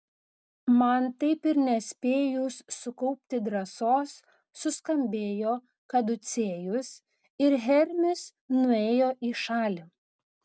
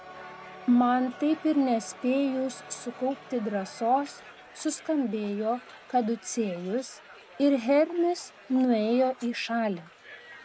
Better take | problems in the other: first | background sound (Crowd); 20 dB below the speech

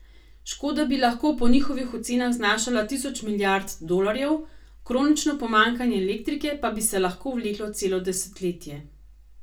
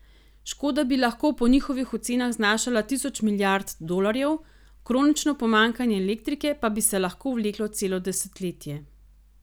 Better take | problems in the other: second | room echo; dies away in 0.2 s

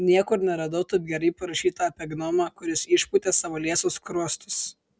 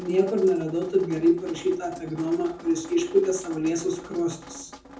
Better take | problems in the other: first | background sound (Drip); 19 dB below the speech // room echo; dies away in 0.5 s

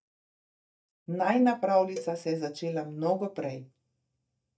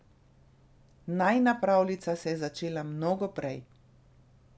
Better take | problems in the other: second | noise reduction (neural mask model DeepFilterNet 3)

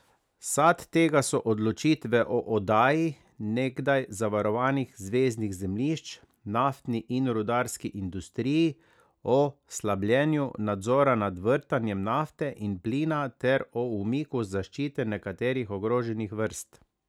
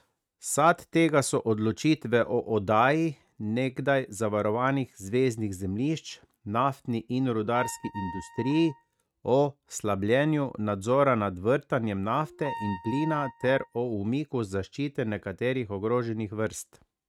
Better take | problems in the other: first | noise reduction (neural mask model RNNoise)

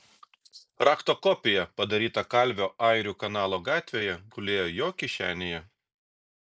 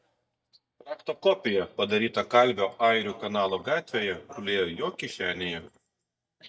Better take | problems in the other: first | noise reduction (neural mask model DeepFilterNet 3)

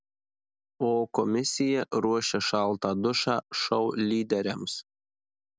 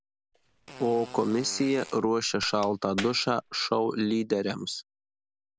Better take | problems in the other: first | background sound (Fart + Crack); 15 dB below the speech

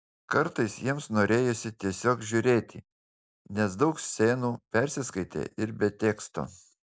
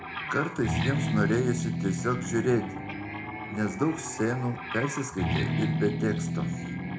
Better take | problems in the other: first | background sound (Guitar); 1 dB below the speech // room echo; dies away in 0.3 s

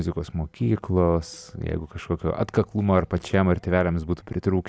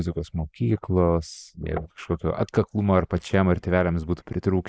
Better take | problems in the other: first | noise reduction (neural mask model Resemble Enhance denoiser)

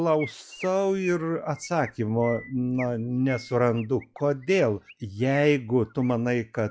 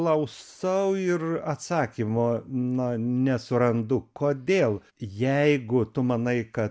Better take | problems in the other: second | noise reduction (classical method log-MMSE)

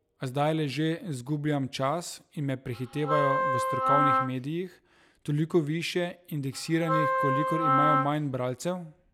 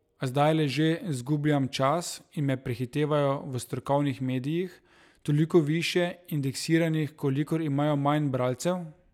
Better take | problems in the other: second | background sound (Wind instrument, woodwind instrument); 3 dB above the speech

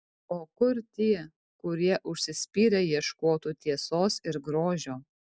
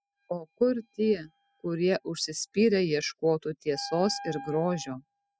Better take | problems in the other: first | noise reduction (classical method spectral subtraction)

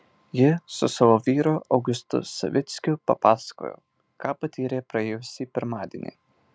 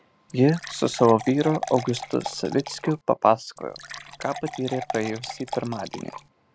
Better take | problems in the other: first | background sound (Fill (with liquid) / Water); 12 dB below the speech

